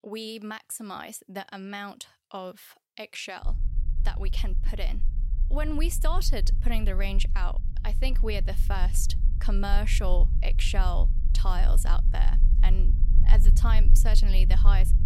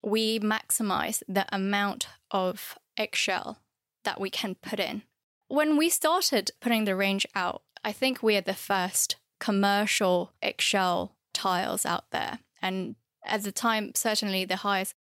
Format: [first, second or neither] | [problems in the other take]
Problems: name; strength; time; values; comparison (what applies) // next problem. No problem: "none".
second | low rumble; noticeable; from 3.5 s on; 15 dB below the speech